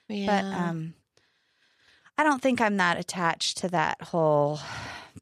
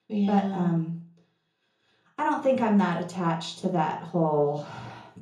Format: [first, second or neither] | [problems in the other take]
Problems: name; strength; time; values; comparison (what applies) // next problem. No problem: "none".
first | room echo; slight; dies away in 0.5 s // off-mic speech; far